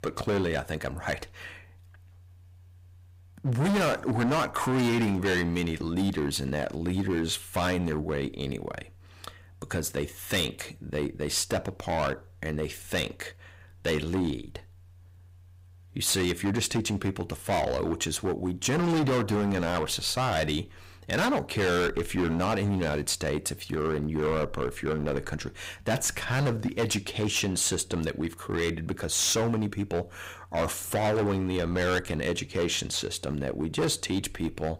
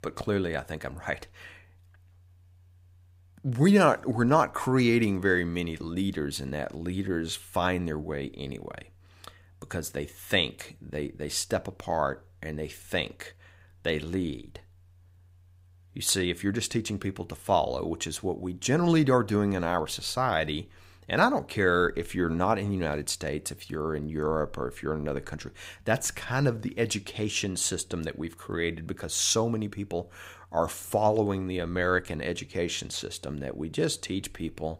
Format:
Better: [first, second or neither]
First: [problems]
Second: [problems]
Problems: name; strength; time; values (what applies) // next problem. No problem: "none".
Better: second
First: distortion; heavy; 13% of the sound clipped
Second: none